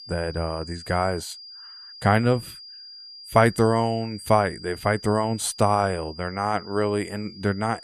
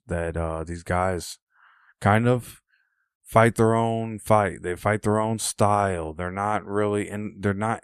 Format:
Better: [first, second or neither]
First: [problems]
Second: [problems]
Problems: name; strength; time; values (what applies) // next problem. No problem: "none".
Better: second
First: high-pitched whine; noticeable; throughout; 5 kHz, 15 dB below the speech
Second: none